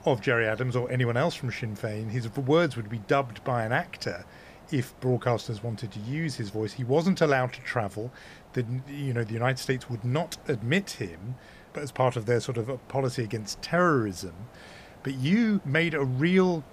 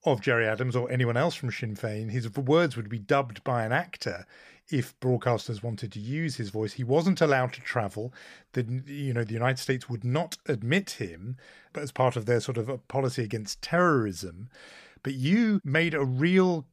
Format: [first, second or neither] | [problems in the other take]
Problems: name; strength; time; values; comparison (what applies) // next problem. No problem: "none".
second | hiss; faint; throughout; 25 dB below the speech